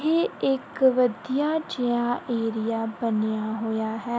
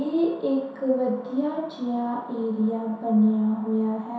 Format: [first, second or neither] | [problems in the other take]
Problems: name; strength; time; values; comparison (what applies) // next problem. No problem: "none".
first | room echo; dies away in 0.7 s